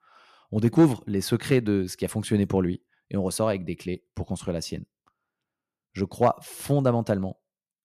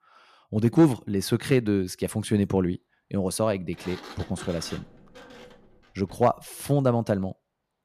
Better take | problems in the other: first | door banging; faint; from 3.5 to 6.5 s; peak 15 dB below the speech

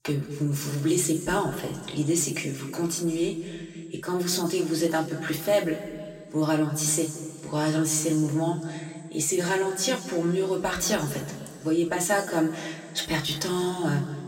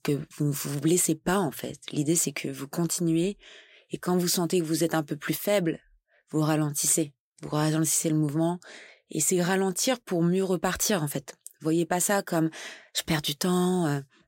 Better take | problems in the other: second | room echo; slight; dies away in 2.1 s // off-mic speech; somewhat distant

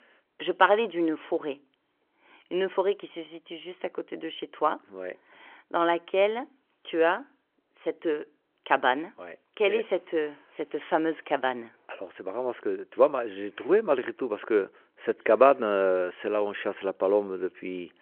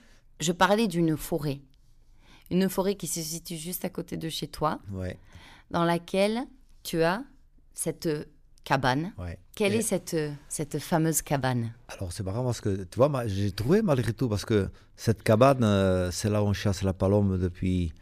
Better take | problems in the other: second | phone-call audio

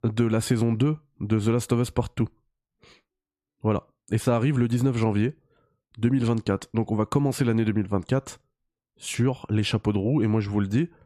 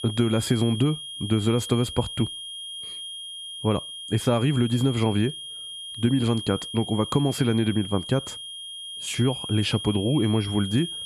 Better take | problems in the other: first | high-pitched whine; loud; throughout; 3 kHz, 9 dB below the speech

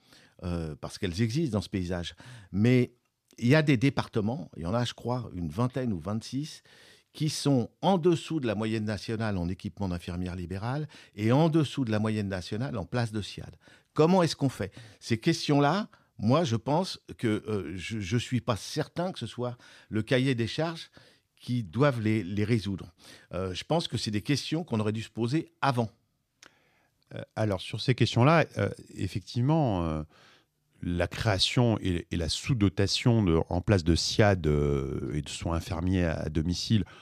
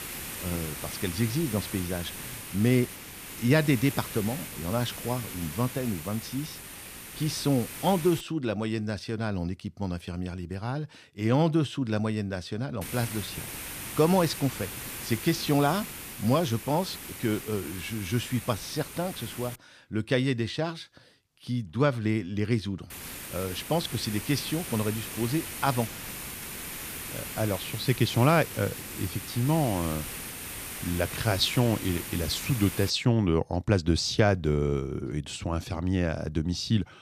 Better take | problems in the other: first | hiss; loud; until 8 s, from 13 to 20 s and from 23 to 33 s; 8 dB below the speech

